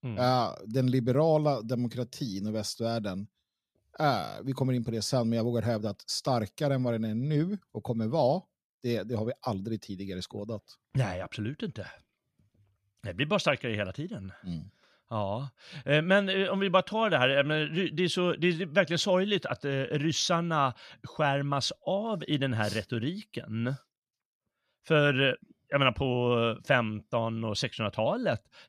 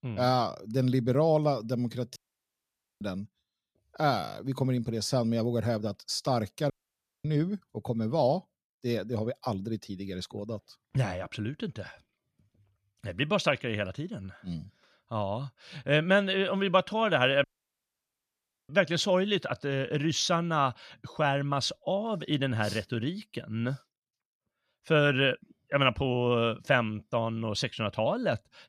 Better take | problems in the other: first | audio cutting out; at 2 s for 1 s, at 6.5 s for 0.5 s and at 17 s for 1.5 s

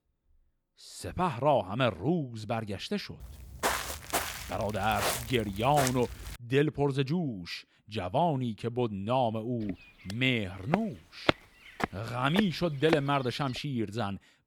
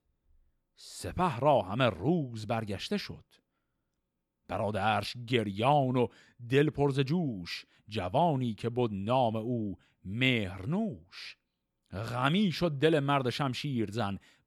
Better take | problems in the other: second | footsteps; loud; from 3 to 6.5 s and from 9.5 to 13 s; peak level with the speech

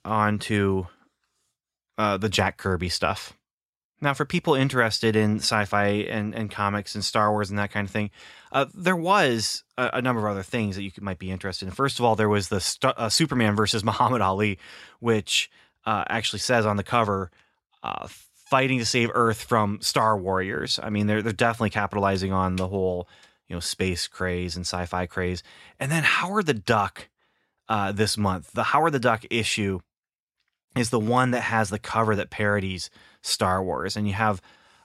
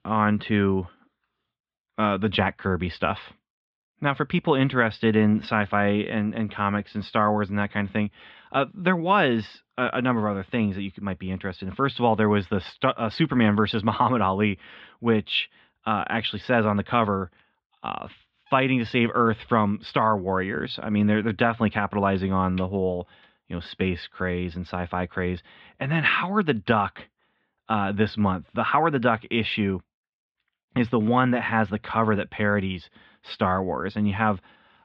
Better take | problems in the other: first | muffled; very; fading above 3.5 kHz

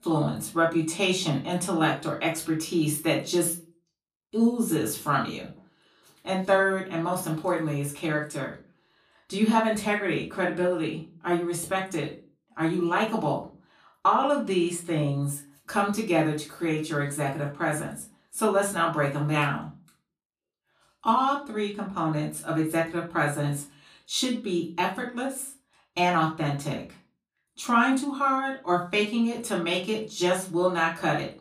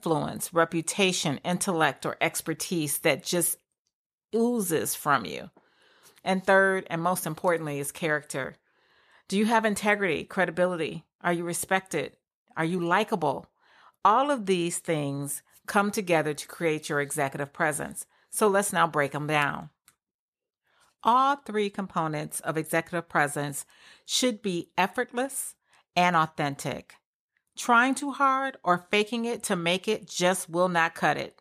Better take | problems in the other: second | off-mic speech; far // room echo; slight; dies away in 0.3 s

